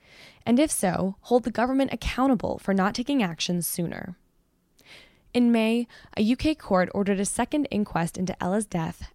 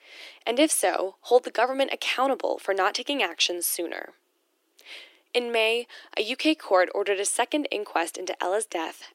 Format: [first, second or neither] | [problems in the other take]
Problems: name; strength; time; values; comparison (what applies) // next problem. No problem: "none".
first | thin; very; fading below 300 Hz